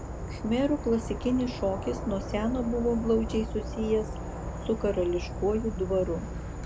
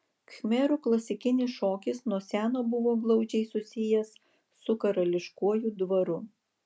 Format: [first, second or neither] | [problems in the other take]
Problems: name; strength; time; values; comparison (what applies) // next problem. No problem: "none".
second | background sound (Insect / Frog); 6 dB below the speech